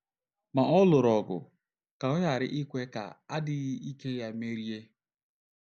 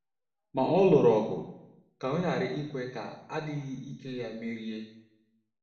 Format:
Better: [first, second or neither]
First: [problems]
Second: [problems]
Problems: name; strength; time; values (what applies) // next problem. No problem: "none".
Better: first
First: none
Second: room echo; dies away in 0.8 s